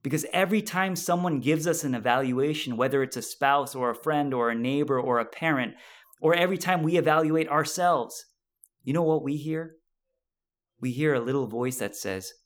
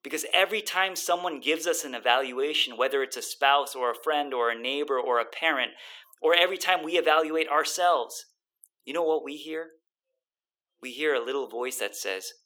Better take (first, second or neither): first